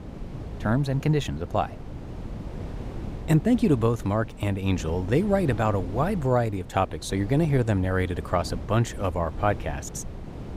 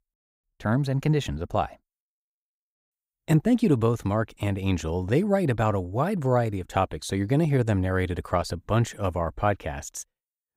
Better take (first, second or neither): second